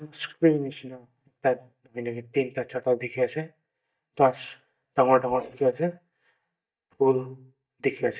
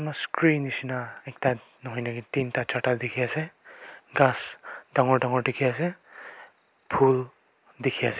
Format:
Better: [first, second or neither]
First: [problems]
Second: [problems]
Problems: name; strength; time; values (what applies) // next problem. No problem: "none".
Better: second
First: noise reduction (neural mask model DeepFilterNet 3)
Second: none